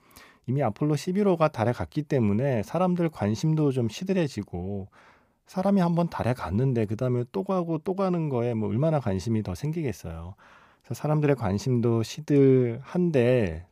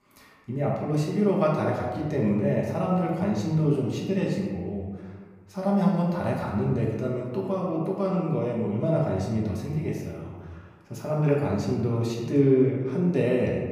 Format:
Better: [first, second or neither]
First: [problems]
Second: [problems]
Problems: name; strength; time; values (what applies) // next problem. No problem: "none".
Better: first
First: none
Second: room echo; noticeable; dies away in 1.2 s // off-mic speech; far